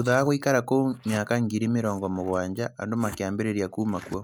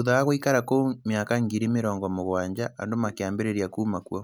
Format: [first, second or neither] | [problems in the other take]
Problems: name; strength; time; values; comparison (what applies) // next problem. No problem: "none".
second | noise reduction (neural mask model Resemble Enhance denoiser)